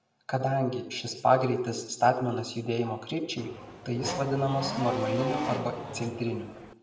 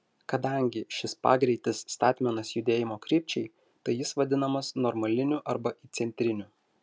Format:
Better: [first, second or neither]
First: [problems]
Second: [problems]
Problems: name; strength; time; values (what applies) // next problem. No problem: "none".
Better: second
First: background sound (Race car, auto racing / Accelerating, revving, vroom); 6 dB below the speech // room echo; dies away in 0.7 s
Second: none